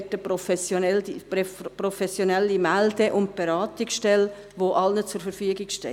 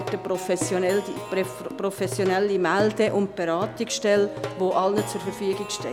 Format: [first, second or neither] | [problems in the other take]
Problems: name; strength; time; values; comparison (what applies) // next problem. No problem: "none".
first | background sound (Plucked string instrument); 10 dB below the speech